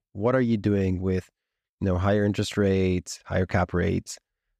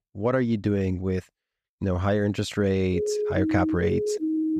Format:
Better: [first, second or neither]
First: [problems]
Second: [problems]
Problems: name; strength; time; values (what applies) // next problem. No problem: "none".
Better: first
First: none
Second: siren; loud; from 3 s on; peak level with the speech